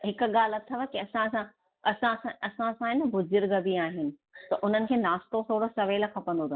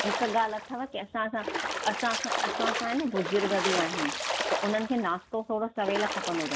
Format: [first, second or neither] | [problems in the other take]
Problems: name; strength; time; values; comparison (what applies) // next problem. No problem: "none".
first | background sound (Splash, splatter); 2 dB below the speech